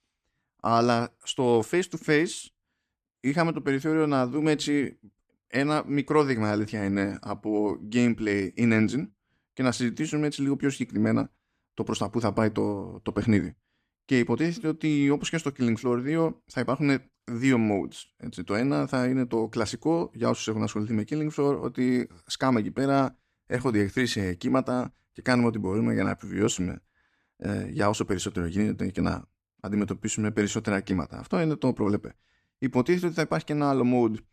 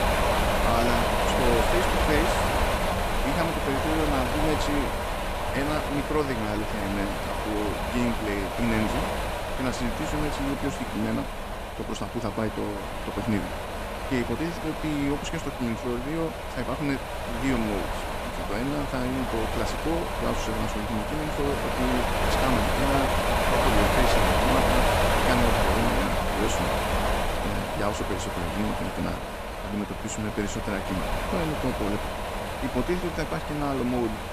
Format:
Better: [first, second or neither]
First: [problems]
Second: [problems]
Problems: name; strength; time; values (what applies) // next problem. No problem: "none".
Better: first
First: none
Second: wind noise on the microphone; heavy; 5 dB above the speech